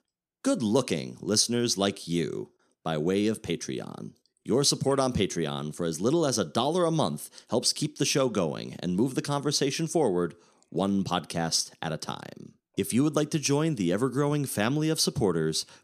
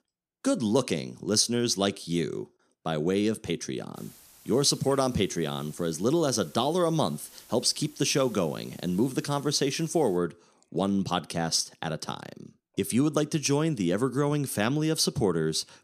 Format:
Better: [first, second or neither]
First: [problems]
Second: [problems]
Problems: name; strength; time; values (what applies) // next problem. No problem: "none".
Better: first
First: none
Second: hiss; faint; from 4 to 10 s; 25 dB below the speech